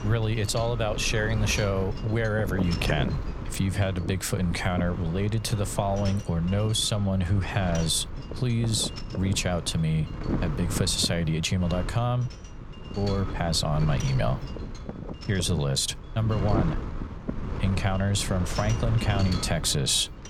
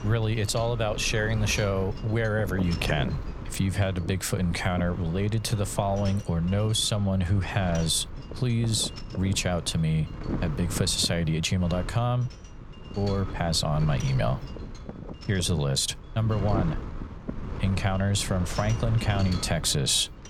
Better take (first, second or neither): second